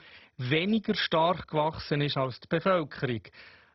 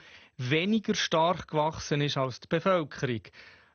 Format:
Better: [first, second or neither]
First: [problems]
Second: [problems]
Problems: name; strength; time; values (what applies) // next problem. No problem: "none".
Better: second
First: garbled, watery; badly; nothing above 5.5 kHz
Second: garbled, watery; slightly; nothing above 6.5 kHz